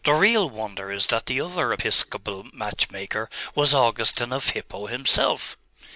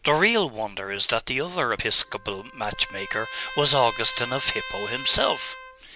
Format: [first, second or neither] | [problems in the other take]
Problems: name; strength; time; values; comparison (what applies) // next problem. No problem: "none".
first | background sound (Trumpet); 12 dB below the speech